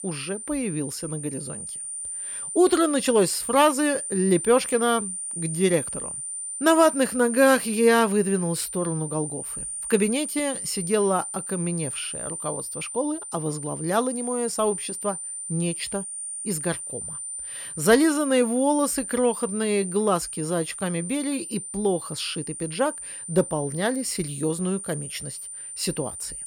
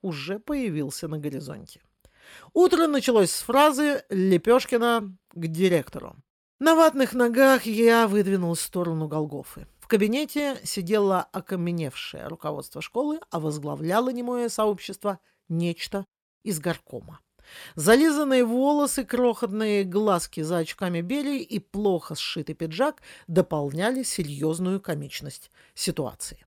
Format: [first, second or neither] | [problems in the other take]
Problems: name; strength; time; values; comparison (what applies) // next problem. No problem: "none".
second | high-pitched whine; loud; throughout; 9 kHz, 7 dB below the speech